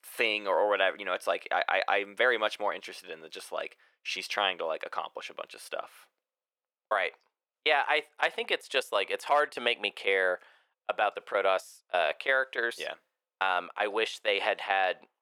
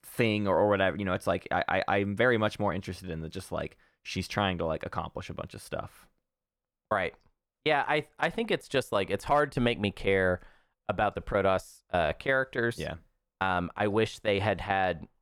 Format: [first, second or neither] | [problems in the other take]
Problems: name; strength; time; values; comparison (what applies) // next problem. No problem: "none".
second | thin; very; fading below 450 Hz